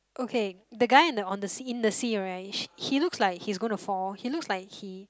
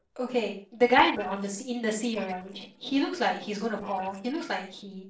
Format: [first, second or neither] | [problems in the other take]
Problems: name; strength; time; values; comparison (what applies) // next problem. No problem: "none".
first | noise reduction (neural separator model SepFormer DNS4)